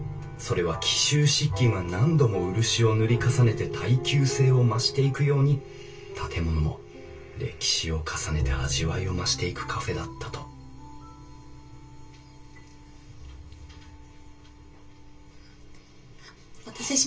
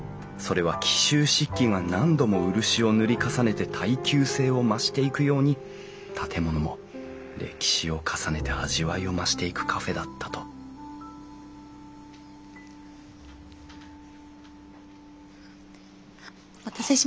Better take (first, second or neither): second